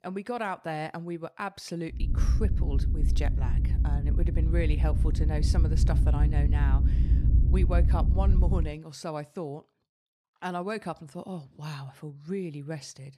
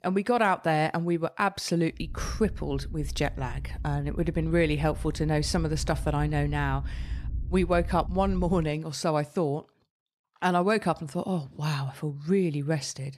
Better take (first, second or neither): second